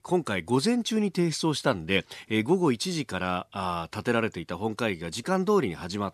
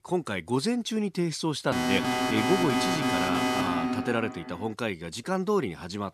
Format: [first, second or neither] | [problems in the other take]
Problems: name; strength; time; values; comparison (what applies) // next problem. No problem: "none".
first | alarm; loud; from 1.5 to 4.5 s; peak 4 dB above the speech